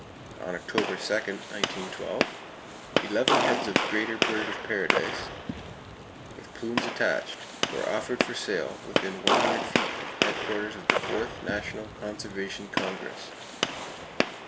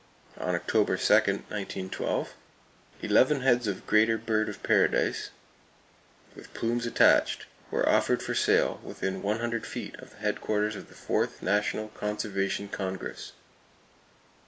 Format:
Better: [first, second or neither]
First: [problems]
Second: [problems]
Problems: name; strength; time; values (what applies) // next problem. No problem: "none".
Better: second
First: background sound (Gunshot, gunfire); 3 dB above the speech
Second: none